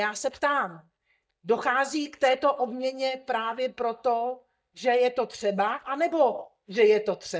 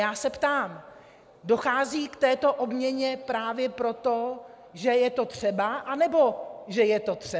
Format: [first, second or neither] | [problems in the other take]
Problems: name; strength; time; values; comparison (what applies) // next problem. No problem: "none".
second | noise reduction (neural mask model DeepFilterNet 3)